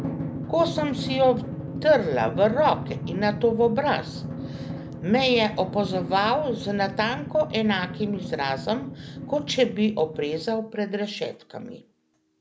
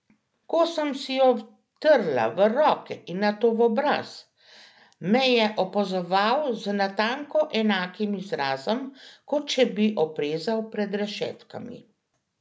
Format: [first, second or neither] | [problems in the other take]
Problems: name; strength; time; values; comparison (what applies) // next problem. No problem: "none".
second | background sound (Drum); 9 dB below the speech